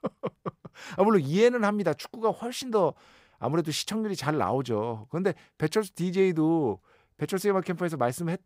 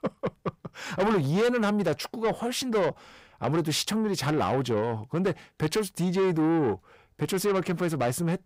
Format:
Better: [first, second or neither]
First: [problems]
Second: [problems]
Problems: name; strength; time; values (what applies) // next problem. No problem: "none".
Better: first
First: none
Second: distortion; heavy; 8 dB below the speech